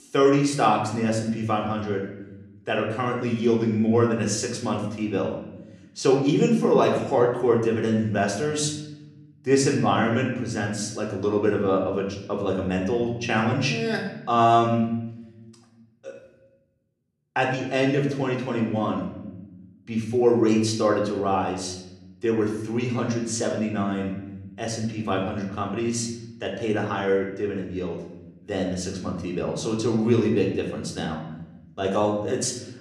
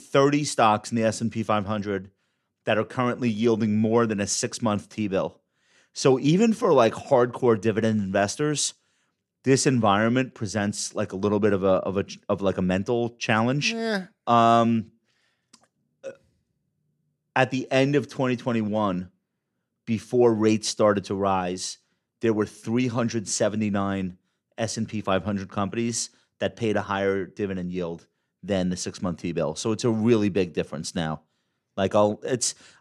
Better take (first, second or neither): second